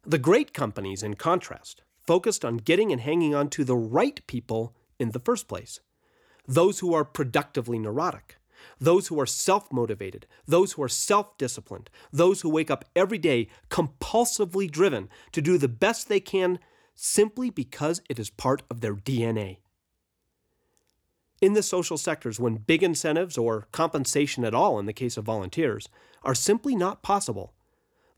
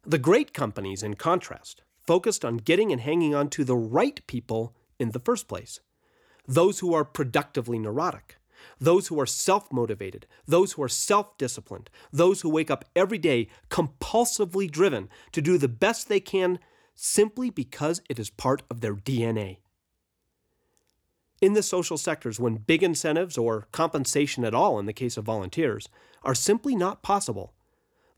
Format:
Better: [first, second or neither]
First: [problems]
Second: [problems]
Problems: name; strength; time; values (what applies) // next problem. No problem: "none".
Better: neither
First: none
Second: none